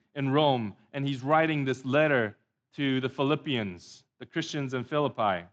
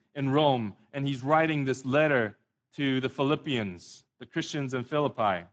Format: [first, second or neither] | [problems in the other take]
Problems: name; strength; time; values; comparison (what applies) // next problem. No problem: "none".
first | garbled, watery; badly; nothing above 7.5 kHz; slightly in the first